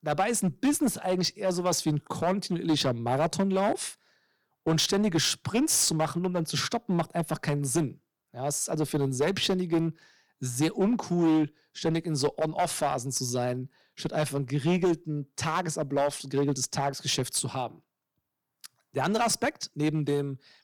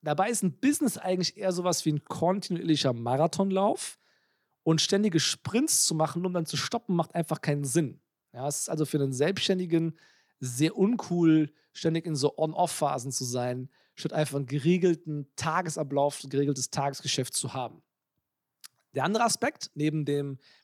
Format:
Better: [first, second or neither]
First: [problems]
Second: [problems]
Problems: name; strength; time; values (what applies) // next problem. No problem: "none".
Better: second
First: distortion; slight; 6% of the sound clipped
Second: none